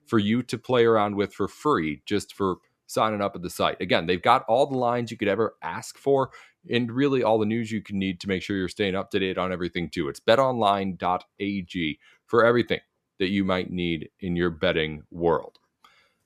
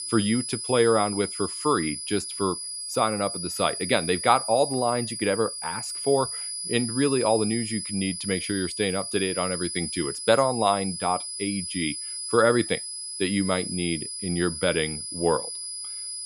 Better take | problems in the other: first | high-pitched whine; loud; throughout; 10 kHz, 5 dB below the speech

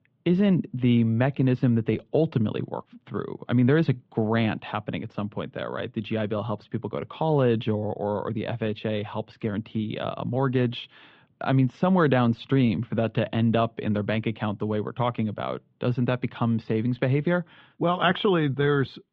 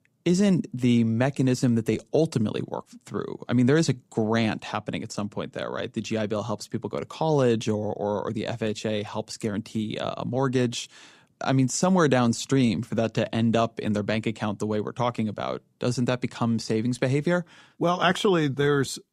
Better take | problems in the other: second | muffled; very; fading above 3.5 kHz

